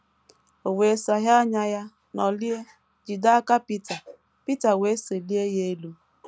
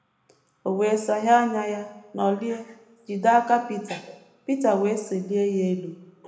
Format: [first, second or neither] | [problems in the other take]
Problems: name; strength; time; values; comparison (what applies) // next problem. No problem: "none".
first | room echo; dies away in 0.9 s